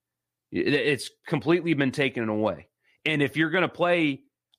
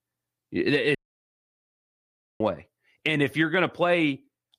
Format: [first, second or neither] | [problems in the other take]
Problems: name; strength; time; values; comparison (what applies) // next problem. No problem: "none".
first | audio cutting out; at 1 s for 1.5 s